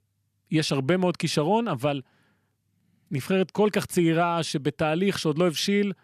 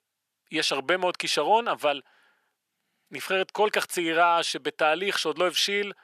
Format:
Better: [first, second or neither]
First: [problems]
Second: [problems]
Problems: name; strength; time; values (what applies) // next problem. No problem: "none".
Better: first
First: none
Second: thin; very; fading below 550 Hz